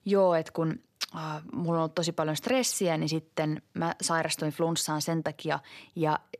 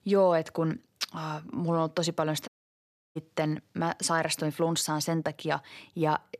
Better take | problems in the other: first | audio cutting out; at 2.5 s for 0.5 s

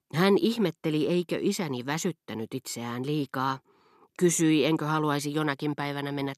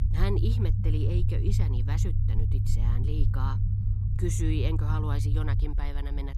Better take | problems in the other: first | low rumble; loud; throughout; 3 dB below the speech

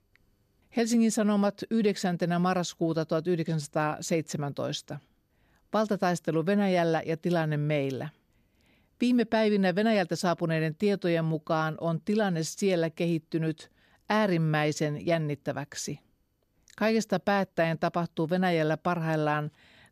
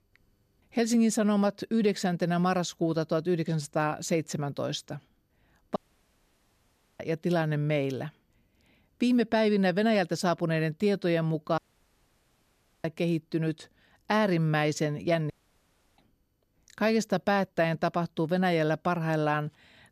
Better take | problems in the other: first | audio cutting out; at 6 s for 1 s, at 12 s for 1.5 s and at 15 s for 0.5 s

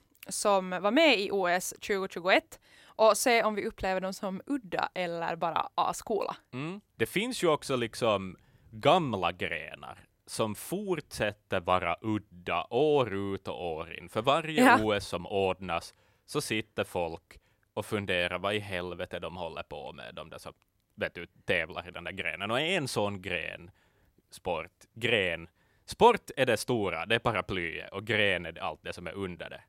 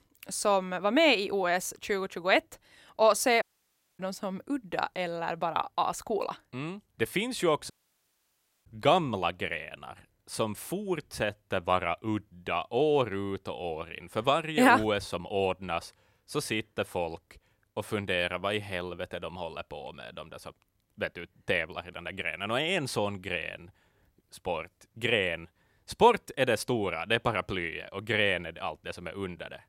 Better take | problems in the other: first | audio cutting out; at 3.5 s for 0.5 s and at 7.5 s for 1 s

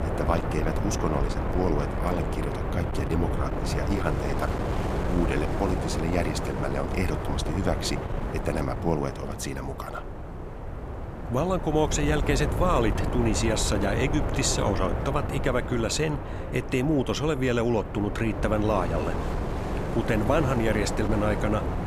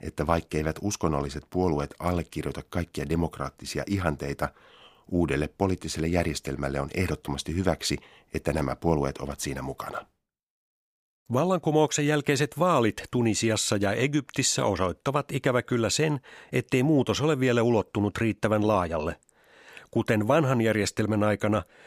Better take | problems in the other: second | wind noise on the microphone; heavy; 5 dB below the speech

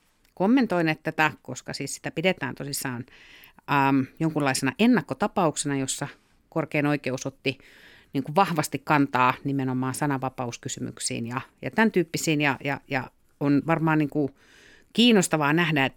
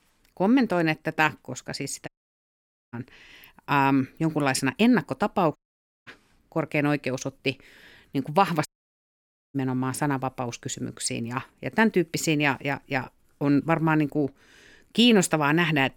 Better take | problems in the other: first | audio cutting out; at 2 s for 1 s, at 5.5 s for 0.5 s and at 8.5 s for 1 s

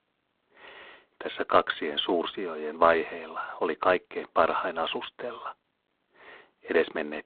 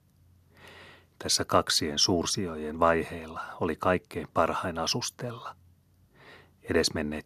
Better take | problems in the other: second | phone-call audio; poor line

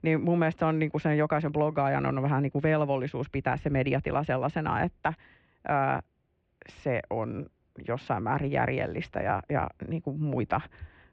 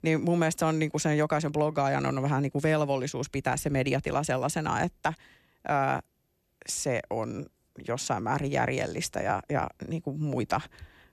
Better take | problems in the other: second | muffled; very; fading above 3 kHz

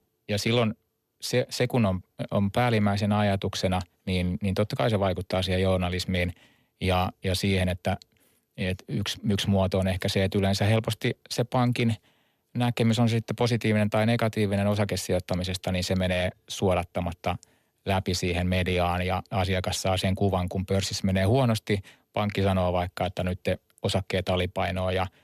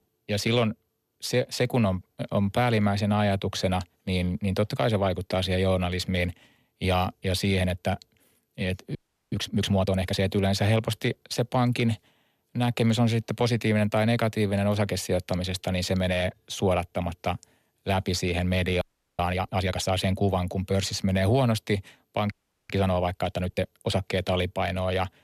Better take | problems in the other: first | audio freezing; at 9 s, at 19 s and at 22 s

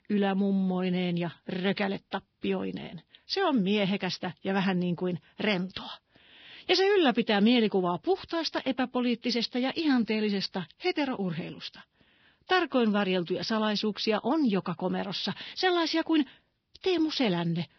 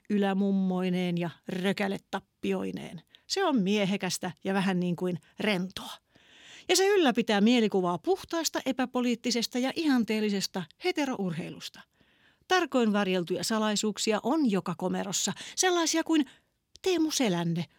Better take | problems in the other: second | garbled, watery; badly; nothing above 5.5 kHz

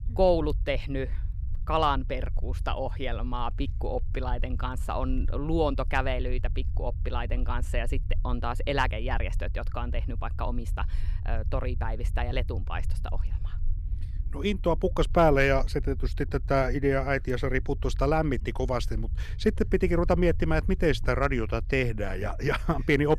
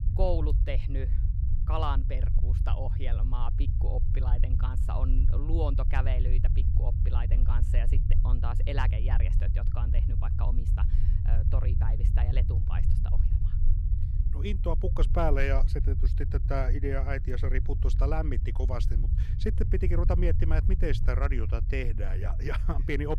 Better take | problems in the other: first | low rumble; loud; throughout; 9 dB below the speech; faint in the first

